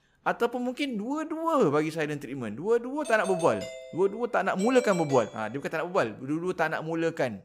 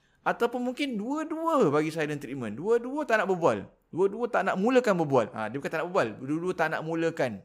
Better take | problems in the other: second | doorbell; noticeable; from 3 to 5.5 s; peak 6 dB below the speech

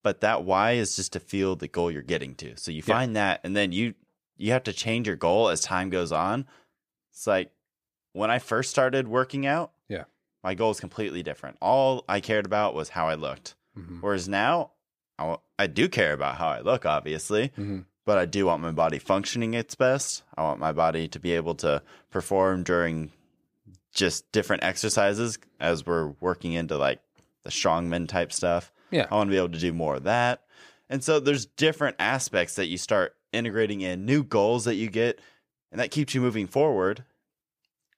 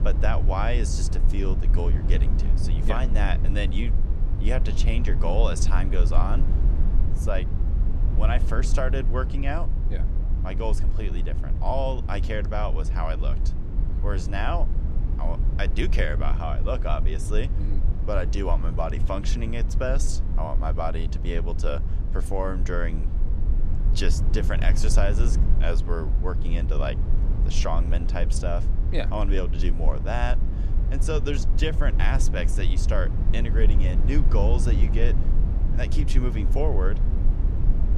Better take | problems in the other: first | low rumble; loud; throughout; 10 dB below the speech

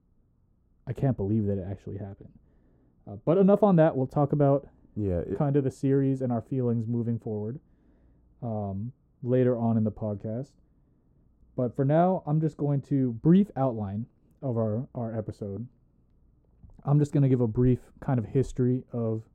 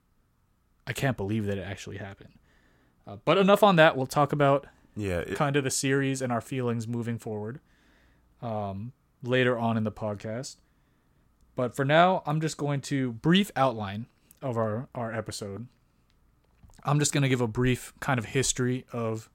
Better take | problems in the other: second | muffled; very; fading above 1 kHz

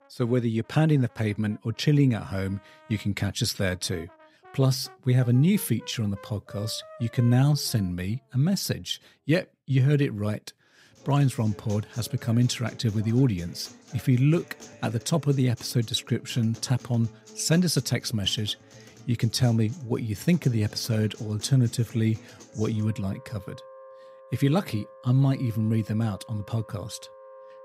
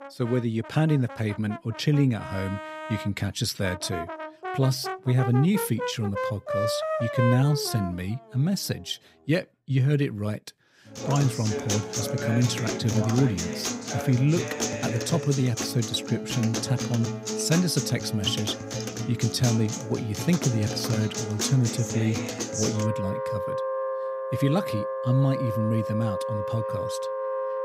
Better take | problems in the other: first | background music; loud; throughout; 4 dB below the speech; faint in the first

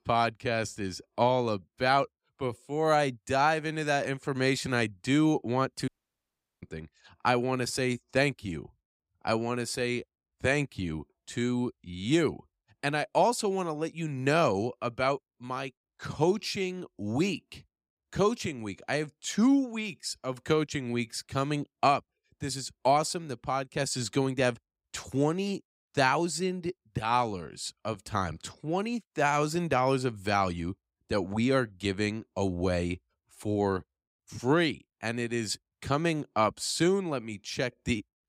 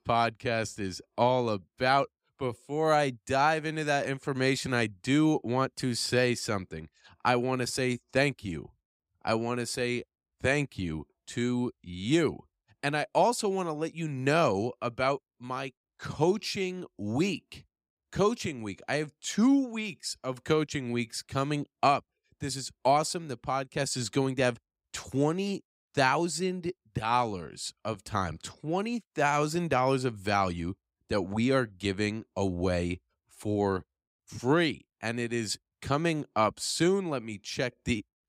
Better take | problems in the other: second | audio cutting out; at 6 s for 0.5 s

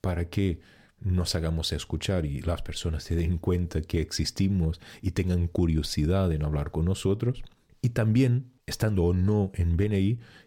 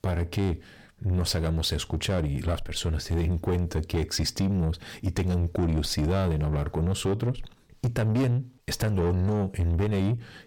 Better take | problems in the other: first | distortion; slight; 10 dB below the speech

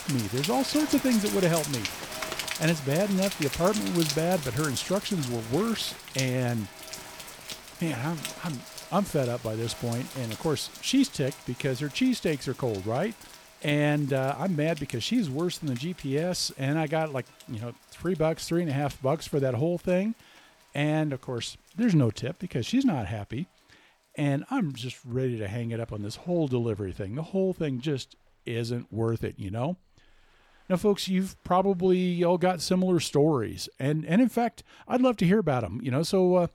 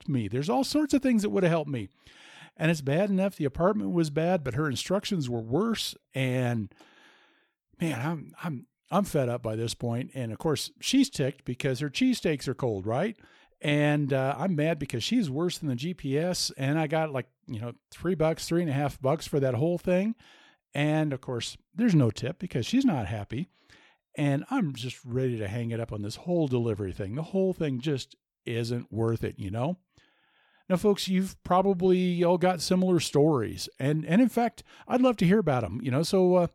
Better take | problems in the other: second | rain or running water; loud; throughout; 9 dB below the speech

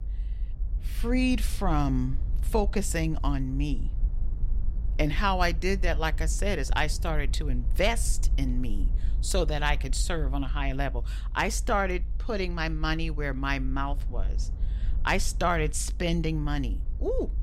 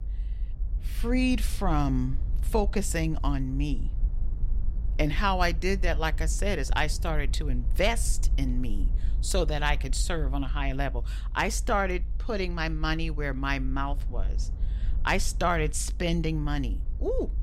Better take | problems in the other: neither | low rumble; faint; throughout; 25 dB below the speech; the same in both

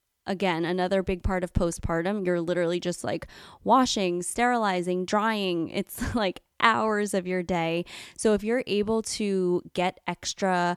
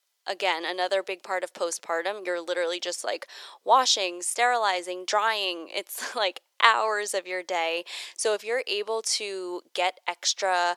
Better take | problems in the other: first | thin; very; fading below 450 Hz

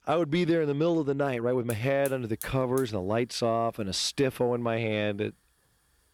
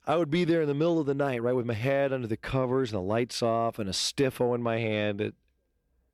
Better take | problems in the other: second | hiss; noticeable; throughout; 15 dB below the speech

